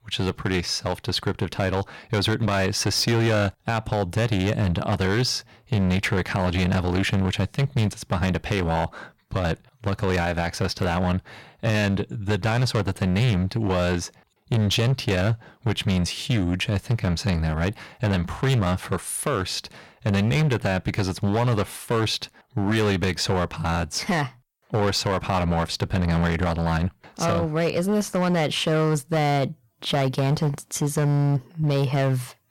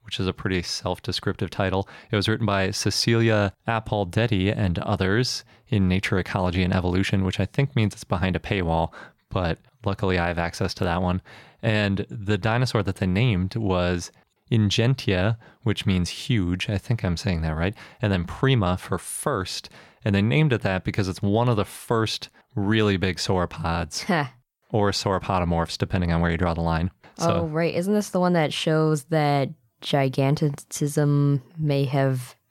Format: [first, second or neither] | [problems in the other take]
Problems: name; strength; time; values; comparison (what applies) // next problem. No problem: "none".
second | distortion; slight; 12% of the sound clipped